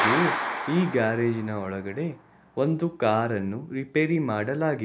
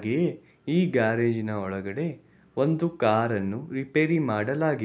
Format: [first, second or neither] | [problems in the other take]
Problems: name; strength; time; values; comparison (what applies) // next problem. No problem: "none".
second | background sound (Clapping); 7 dB below the speech